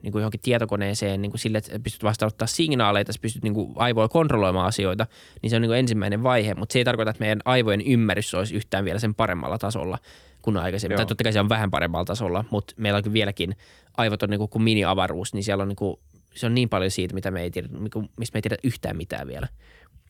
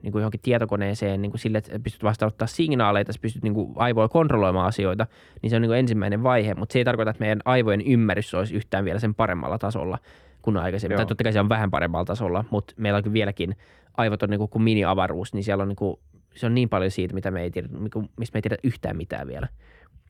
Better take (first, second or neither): first